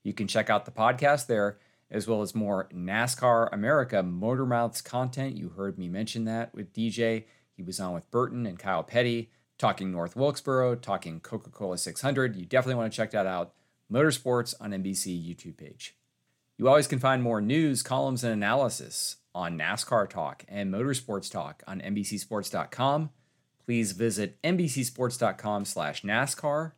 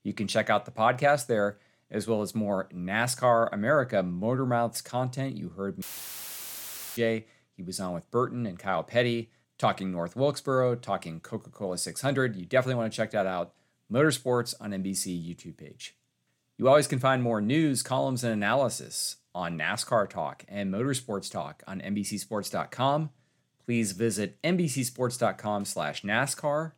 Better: first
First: none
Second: audio cutting out; filled with static; at 6 s for 1 s

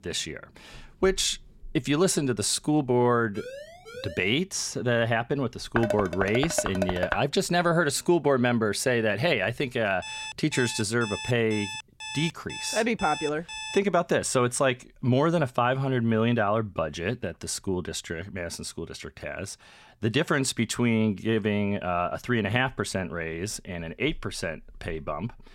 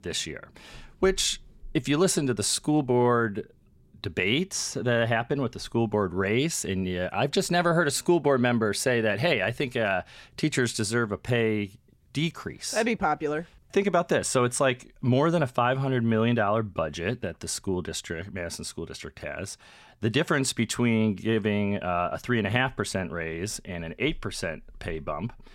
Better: second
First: siren; faint; from 3.5 to 4.5 s; peak 15 dB below the speech // clattering dishes; noticeable; from 6 to 7 s; peak 3 dB below the speech // alarm; noticeable; from 10 to 14 s; peak 8 dB below the speech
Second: none

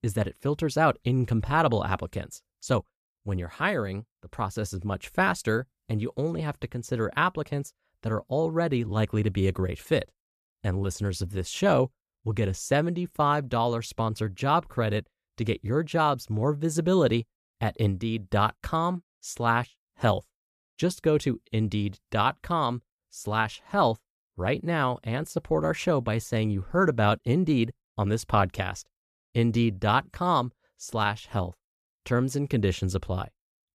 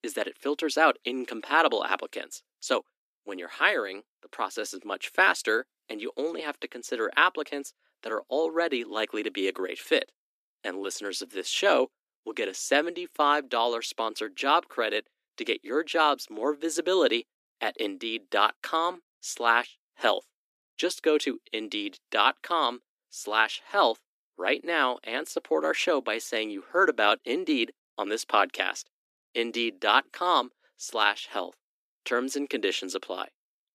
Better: first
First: none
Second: thin; somewhat; fading below 250 Hz

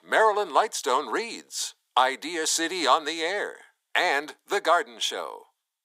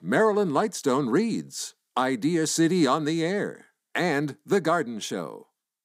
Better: second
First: thin; very; fading below 550 Hz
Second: none

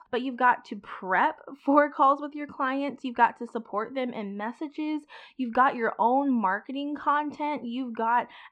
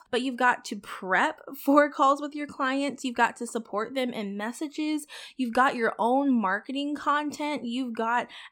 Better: second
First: muffled; slightly; fading above 2.5 kHz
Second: none

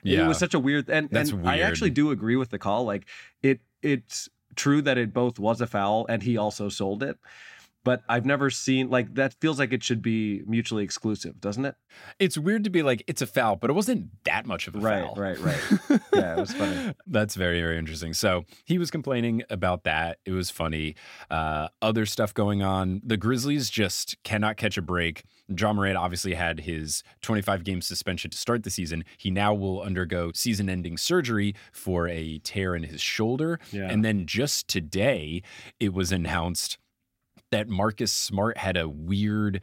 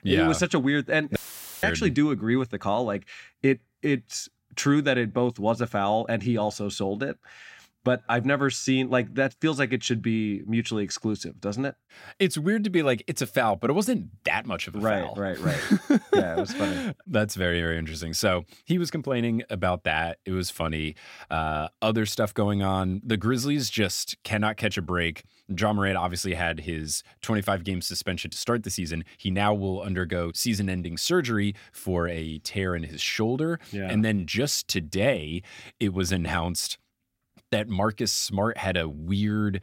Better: first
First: none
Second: audio cutting out; filled with static; at 1 s

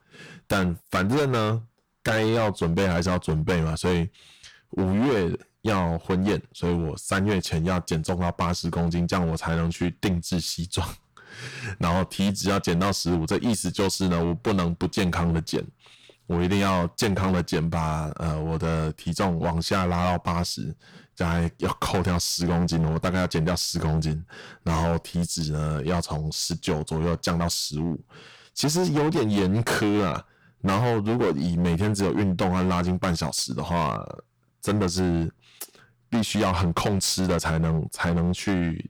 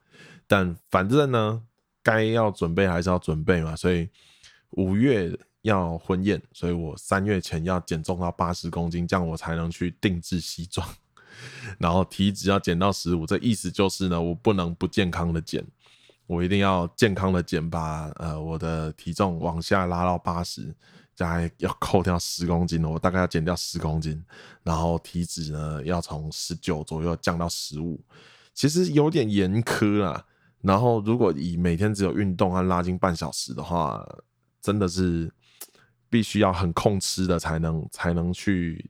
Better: second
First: distortion; heavy; 17% of the sound clipped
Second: none

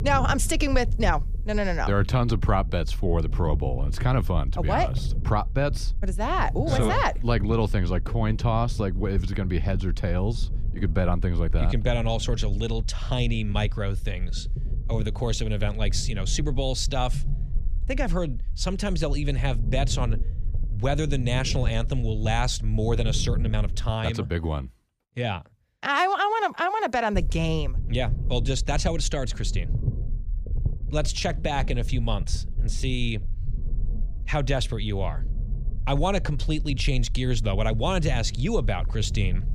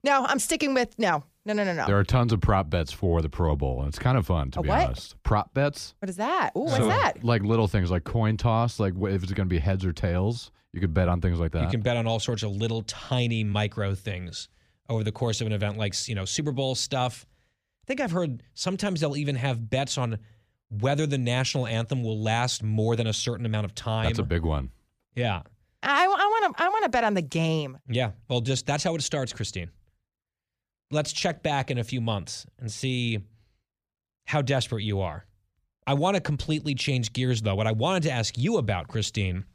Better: second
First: low rumble; noticeable; until 24 s and from 27 s on; 20 dB below the speech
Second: none

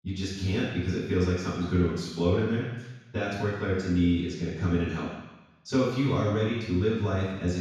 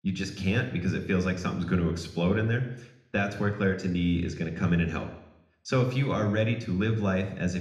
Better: second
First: room echo; strong; dies away in 1.1 s // off-mic speech; far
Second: room echo; slight; dies away in 0.8 s

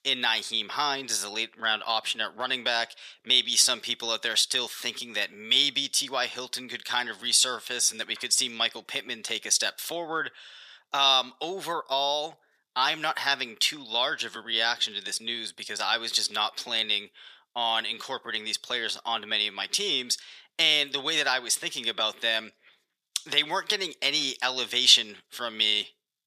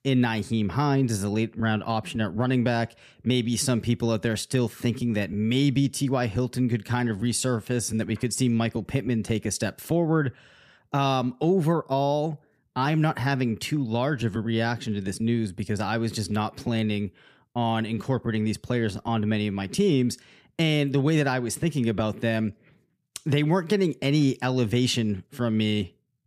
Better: second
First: thin; very; fading below 900 Hz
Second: none

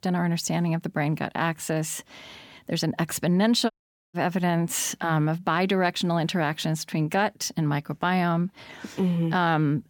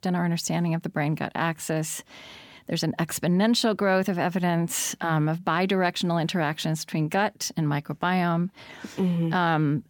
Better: second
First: audio cutting out; at 3.5 s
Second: none

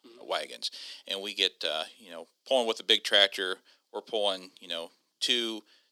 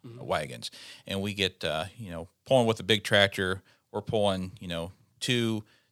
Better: second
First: thin; somewhat; fading below 250 Hz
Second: none

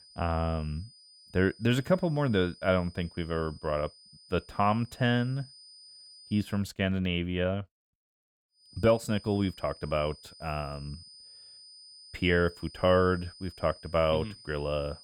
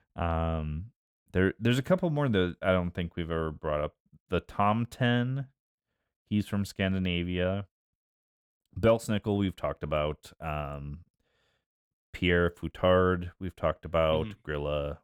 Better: second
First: high-pitched whine; faint; until 6.5 s and from 8.5 s on; 5 kHz, 20 dB below the speech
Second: none

